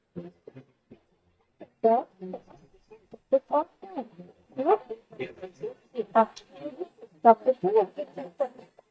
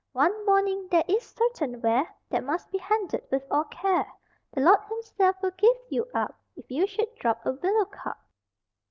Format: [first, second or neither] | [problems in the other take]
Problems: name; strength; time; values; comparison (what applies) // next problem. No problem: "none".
second | noise reduction (neural mask model DeepFilterNet 3)